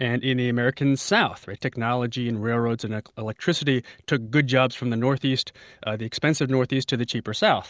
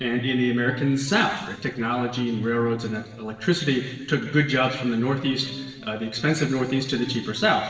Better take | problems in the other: first | noise reduction (neural separator model SepFormer DNS4)

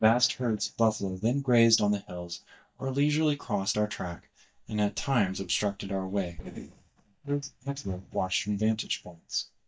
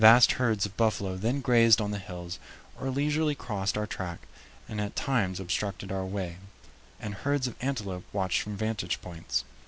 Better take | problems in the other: second | noise reduction (neural mask model DeepFilterNet 3)

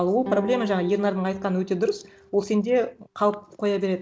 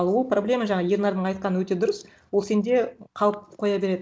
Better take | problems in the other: second | background sound (Guitar); 14 dB below the speech

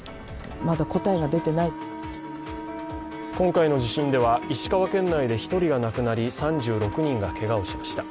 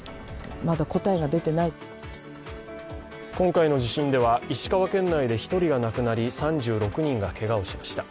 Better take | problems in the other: second | background sound (Wind instrument, woodwind instrument); 12 dB below the speech

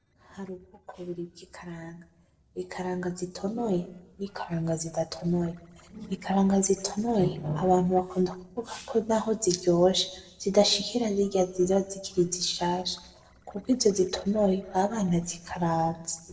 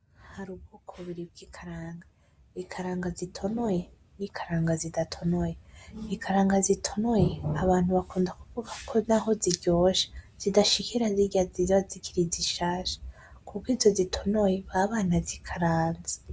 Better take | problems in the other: second | noise reduction (neural separator model SepFormer DNS4)

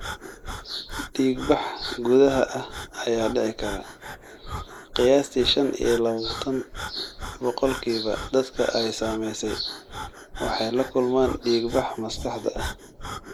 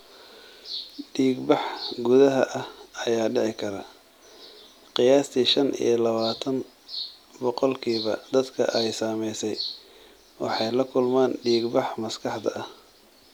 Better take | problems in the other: second | noise reduction (neural mask model Resemble Enhance denoiser)

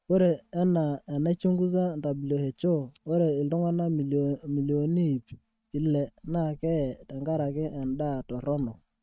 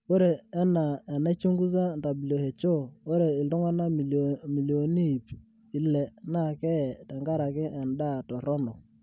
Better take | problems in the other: second | noise reduction (neural mask model RNNoise)

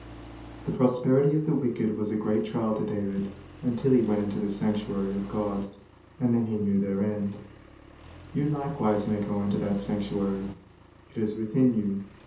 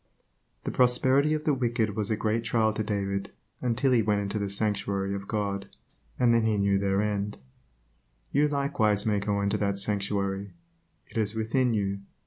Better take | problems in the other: second | background sound (Accelerating, revving, vroom); 19 dB below the speech // room echo; dies away in 0.5 s

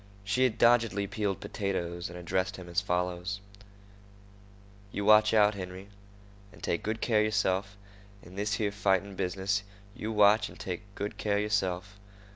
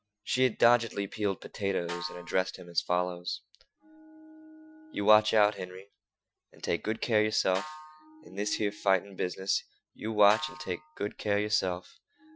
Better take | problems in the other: first | noise reduction (classical method Wiener filter)

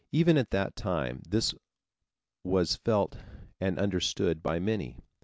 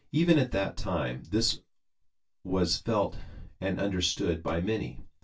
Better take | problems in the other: first | room echo; dies away in 0.1 s

